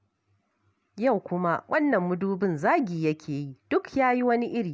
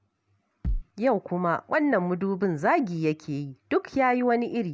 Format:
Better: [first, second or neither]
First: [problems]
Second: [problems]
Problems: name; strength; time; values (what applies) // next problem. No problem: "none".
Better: first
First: none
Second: background sound (Bass drum); 3 dB below the speech